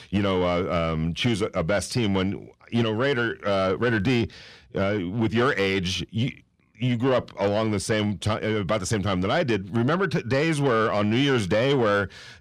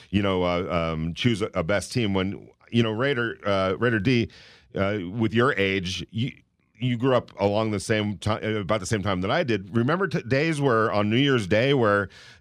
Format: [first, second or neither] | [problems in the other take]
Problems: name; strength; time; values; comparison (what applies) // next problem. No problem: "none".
second | distortion; slight; 10 dB below the speech